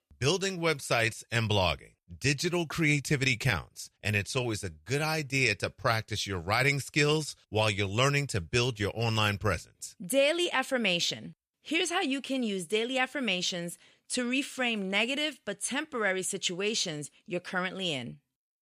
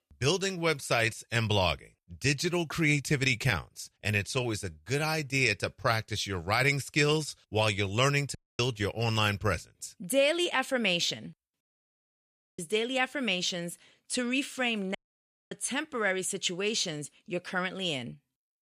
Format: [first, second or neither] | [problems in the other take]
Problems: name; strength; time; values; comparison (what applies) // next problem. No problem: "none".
first | audio cutting out; at 8.5 s, at 12 s for 1 s and at 15 s for 0.5 s